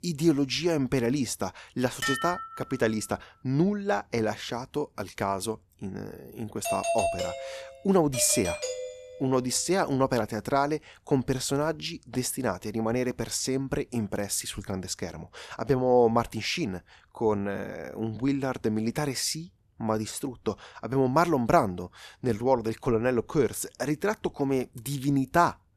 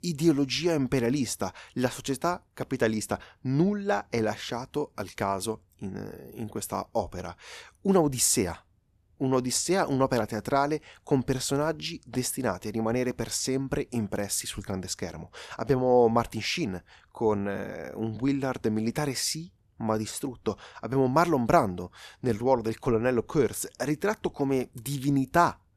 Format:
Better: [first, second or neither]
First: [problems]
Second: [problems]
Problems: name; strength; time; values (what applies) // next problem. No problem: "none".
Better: second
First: clattering dishes; noticeable; at 2 s; peak 1 dB below the speech // doorbell; loud; from 6.5 to 9 s; peak level with the speech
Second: none